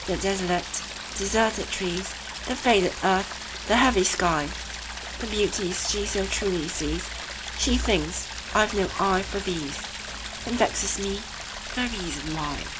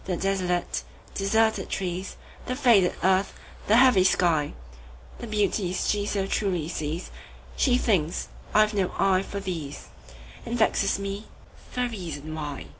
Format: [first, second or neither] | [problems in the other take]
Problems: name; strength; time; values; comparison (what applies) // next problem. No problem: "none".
second | background sound (Stream); 9 dB below the speech